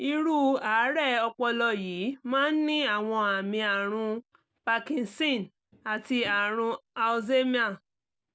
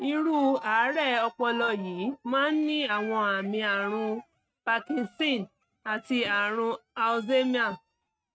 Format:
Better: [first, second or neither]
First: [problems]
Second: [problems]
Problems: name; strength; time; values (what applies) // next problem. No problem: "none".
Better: first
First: none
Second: noise reduction (neural mask model RNNoise)